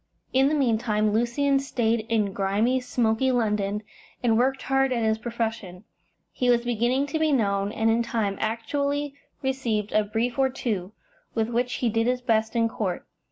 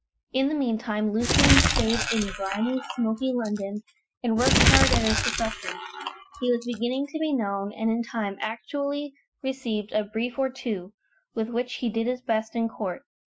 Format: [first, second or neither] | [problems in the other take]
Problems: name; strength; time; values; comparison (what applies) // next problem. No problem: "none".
first | noise reduction (classical method Wiener filter)